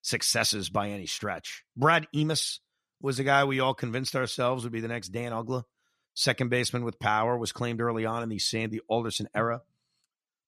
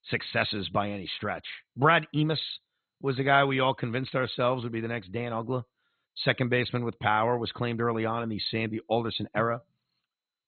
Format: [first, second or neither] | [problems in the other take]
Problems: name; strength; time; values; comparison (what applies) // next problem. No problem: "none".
first | garbled, watery; badly; nothing above 4 kHz